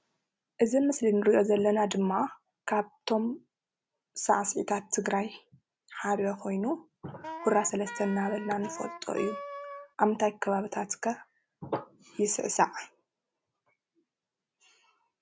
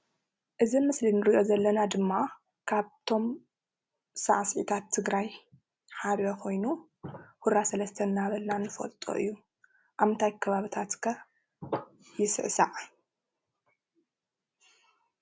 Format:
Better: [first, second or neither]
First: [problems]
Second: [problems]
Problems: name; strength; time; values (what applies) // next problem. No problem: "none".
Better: second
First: background sound (Wind instrument, woodwind instrument); 11 dB below the speech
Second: none